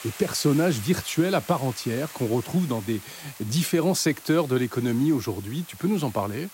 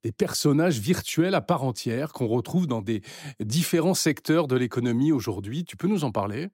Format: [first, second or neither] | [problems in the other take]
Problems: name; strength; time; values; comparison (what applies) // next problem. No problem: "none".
second | hiss; noticeable; throughout; 15 dB below the speech